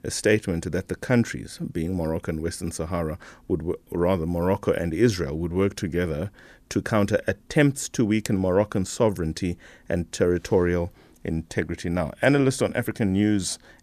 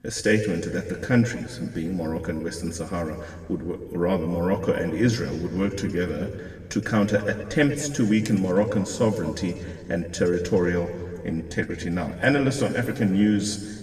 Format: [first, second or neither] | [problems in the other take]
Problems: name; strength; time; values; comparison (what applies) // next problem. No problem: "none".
first | room echo; slight; dies away in 1.8 s // off-mic speech; somewhat distant